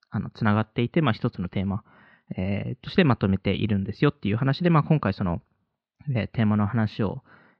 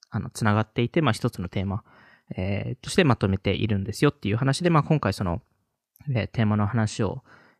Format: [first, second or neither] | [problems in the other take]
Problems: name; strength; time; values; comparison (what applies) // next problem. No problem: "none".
second | muffled; very slightly; fading above 4 kHz